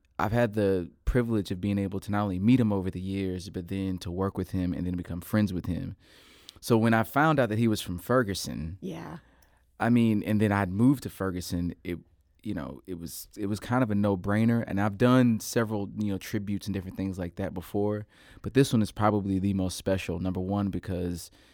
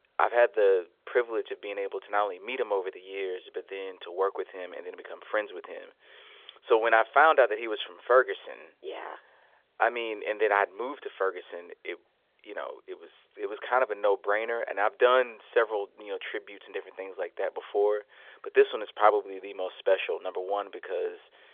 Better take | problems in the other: first | phone-call audio; nothing above 3.5 kHz

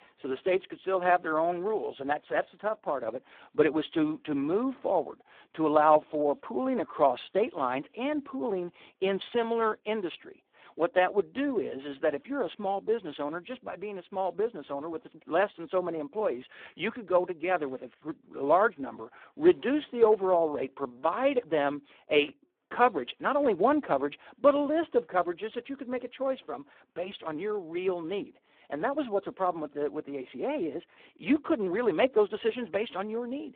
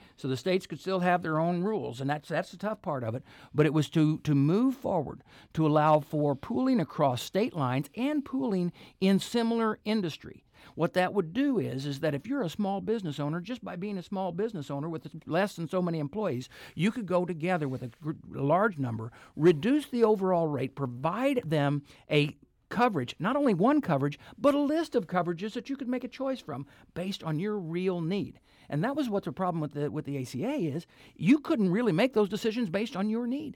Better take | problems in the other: second | phone-call audio; poor line

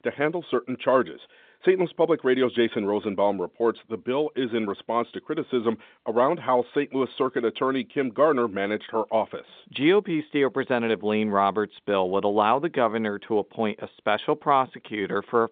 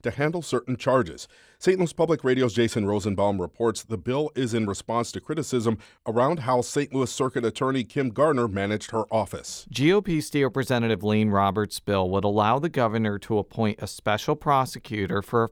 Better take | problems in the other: second | phone-call audio; nothing above 3.5 kHz

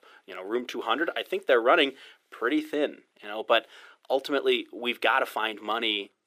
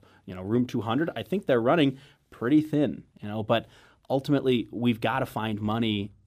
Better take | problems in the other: second | thin; somewhat; fading below 400 Hz

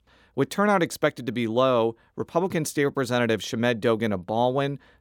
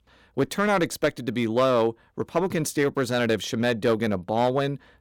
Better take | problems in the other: first | distortion; slight; 4% of the sound clipped

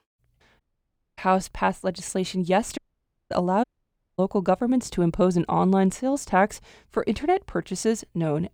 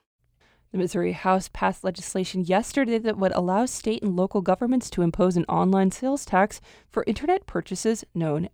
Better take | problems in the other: second | audio cutting out; at 0.5 s for 0.5 s, at 3 s for 0.5 s and at 3.5 s for 0.5 s

